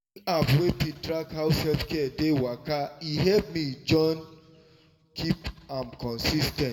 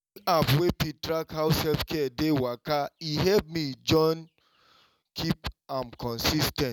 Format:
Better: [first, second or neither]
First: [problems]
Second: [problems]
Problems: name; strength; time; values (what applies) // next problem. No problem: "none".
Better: second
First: room echo; dies away in 0.9 s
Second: none